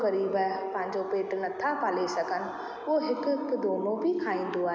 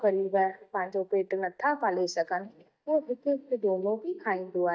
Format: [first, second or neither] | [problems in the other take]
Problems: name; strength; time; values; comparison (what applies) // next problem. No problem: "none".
first | noise reduction (neural mask model DeepFilterNet 3)